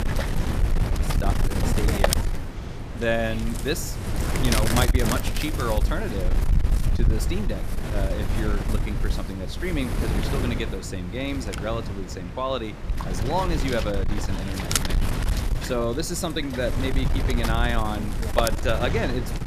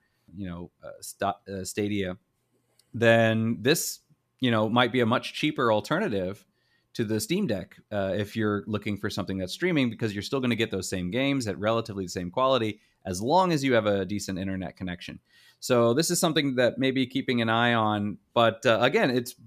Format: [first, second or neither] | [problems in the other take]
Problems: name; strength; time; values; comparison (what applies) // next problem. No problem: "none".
second | wind noise on the microphone; heavy; 3 dB below the speech